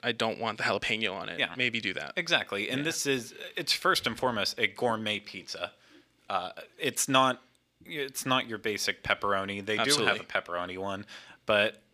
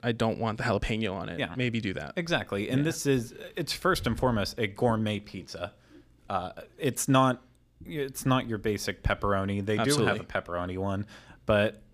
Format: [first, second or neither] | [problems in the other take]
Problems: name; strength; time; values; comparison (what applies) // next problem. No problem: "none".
second | thin; somewhat; fading below 900 Hz